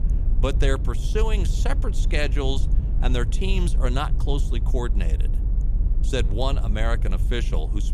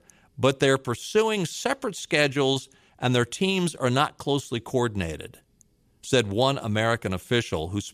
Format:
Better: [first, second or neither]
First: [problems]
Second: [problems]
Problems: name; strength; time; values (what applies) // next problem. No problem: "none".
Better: second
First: low rumble; noticeable; throughout; 15 dB below the speech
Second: none